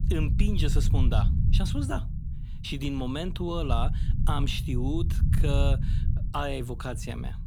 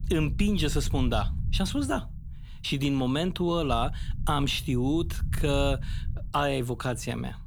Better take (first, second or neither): second